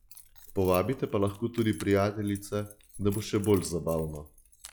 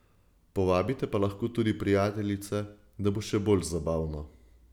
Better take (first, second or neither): second